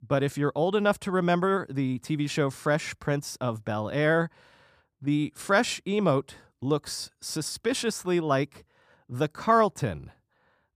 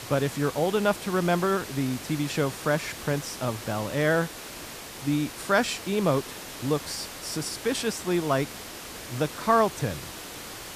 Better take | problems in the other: first | hiss; noticeable; throughout; 10 dB below the speech

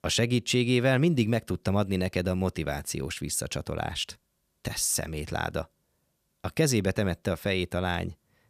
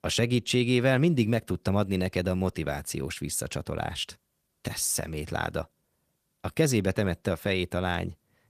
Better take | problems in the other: first | garbled, watery; slightly; nothing above 14.5 kHz

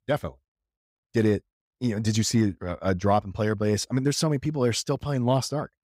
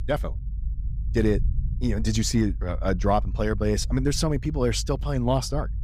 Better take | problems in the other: first | low rumble; faint; throughout; 20 dB below the speech

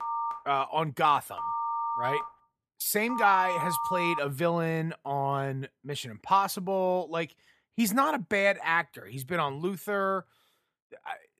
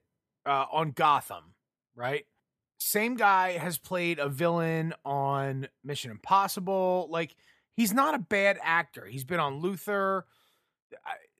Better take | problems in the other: second | phone ringing; noticeable; until 4 s; peak 2 dB below the speech

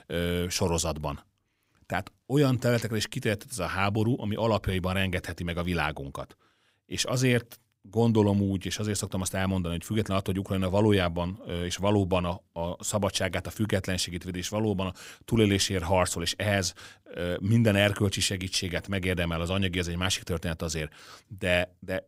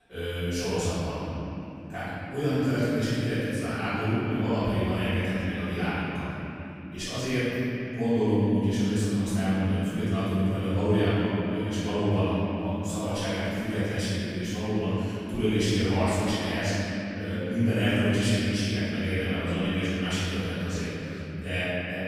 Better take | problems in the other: first | room echo; strong; dies away in 3 s // off-mic speech; far

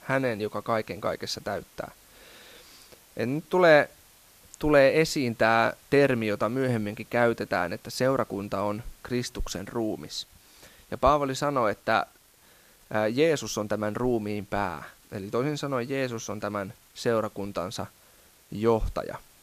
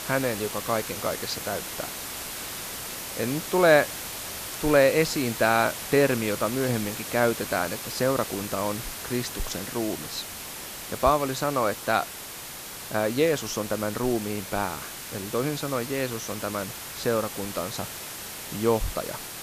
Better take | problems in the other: first | hiss; loud; throughout; 8 dB below the speech; faint in the first

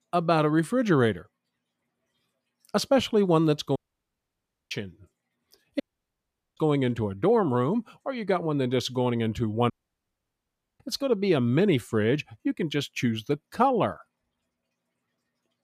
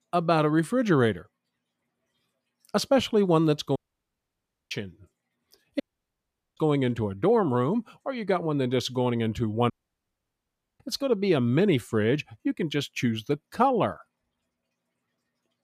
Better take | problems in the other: neither | audio cutting out; at 4 s for 1 s, at 6 s for 1 s and at 9.5 s for 1 s; the same in both

